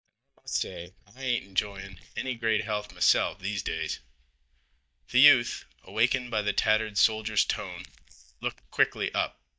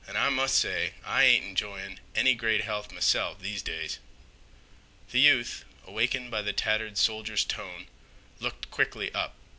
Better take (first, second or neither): second